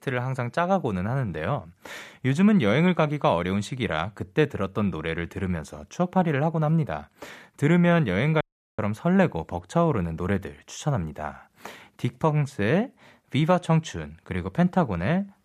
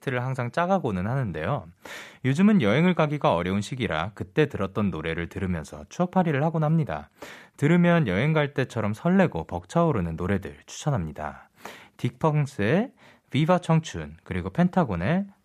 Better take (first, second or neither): second